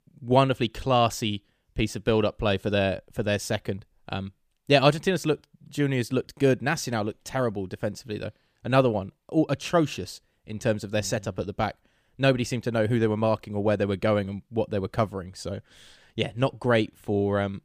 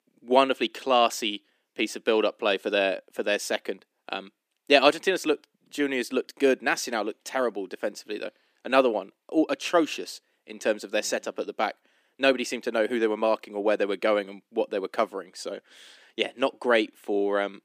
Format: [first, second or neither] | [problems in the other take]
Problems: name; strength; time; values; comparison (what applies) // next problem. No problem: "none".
first | thin; somewhat; fading below 250 Hz